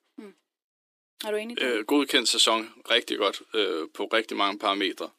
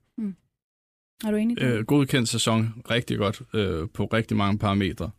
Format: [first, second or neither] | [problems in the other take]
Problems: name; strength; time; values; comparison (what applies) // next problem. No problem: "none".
second | thin; somewhat; fading below 300 Hz